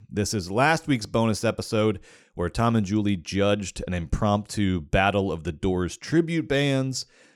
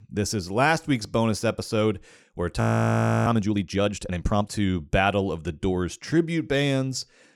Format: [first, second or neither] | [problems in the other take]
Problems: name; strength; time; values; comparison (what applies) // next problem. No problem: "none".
first | audio freezing; at 2.5 s for 0.5 s